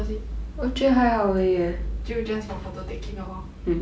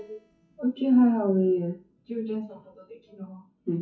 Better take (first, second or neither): first